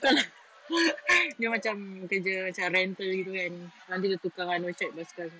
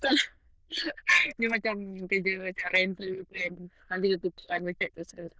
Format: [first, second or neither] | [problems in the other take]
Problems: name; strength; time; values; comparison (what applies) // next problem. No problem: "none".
first | noise reduction (neural diffusion model UNIVERSE++)